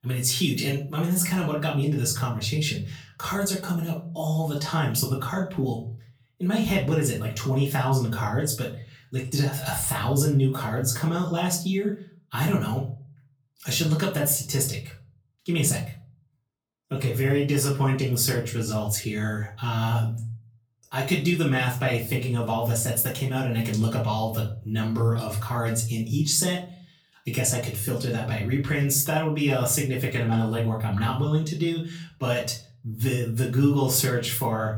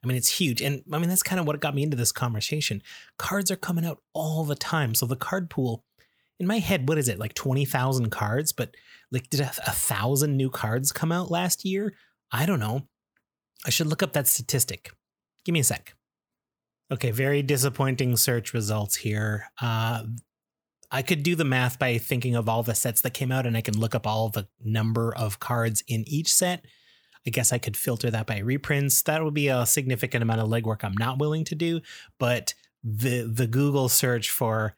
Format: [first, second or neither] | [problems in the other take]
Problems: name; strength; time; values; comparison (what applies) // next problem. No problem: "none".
second | off-mic speech; far // room echo; slight; dies away in 0.4 s